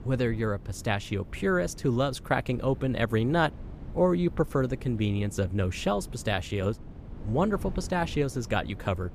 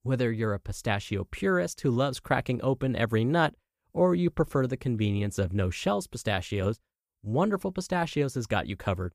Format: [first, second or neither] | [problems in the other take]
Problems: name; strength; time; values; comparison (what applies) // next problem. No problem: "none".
second | wind noise on the microphone; occasional gusts; 20 dB below the speech